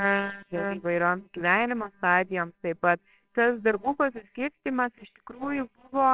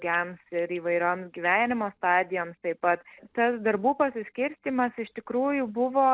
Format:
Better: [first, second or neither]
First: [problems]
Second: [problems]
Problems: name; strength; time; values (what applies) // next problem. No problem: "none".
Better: second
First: noise reduction (neural separator model SepFormer WHAMR!)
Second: none